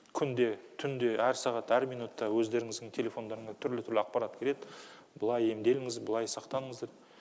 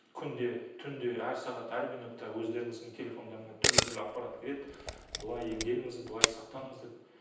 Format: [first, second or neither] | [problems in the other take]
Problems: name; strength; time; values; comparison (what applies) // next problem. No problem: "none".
first | background sound (Camera); 5 dB above the speech // room echo; dies away in 0.9 s